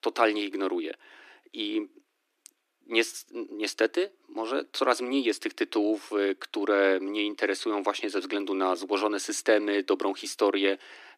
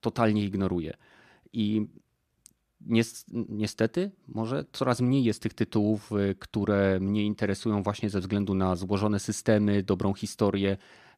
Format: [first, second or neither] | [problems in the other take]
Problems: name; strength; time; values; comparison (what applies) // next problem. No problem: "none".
second | thin; somewhat; fading below 300 Hz